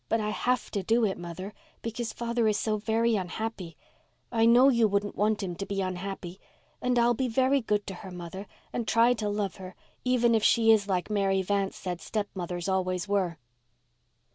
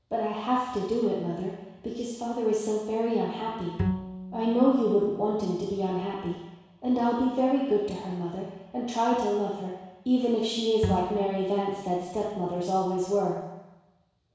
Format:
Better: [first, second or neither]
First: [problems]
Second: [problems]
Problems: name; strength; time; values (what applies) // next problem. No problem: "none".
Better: first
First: none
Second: background sound (Bowed string instrument); 8 dB below the speech // room echo; dies away in 1.1 s